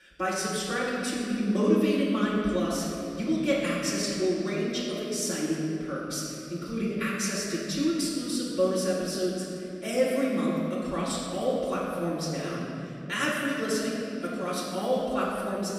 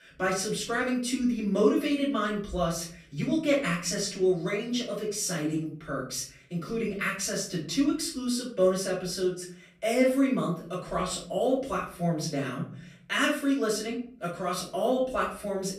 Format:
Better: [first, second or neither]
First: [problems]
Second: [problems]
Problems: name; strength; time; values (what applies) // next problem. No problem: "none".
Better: second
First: room echo; strong; dies away in 3 s // off-mic speech; far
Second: room echo; slight; dies away in 0.6 s // off-mic speech; far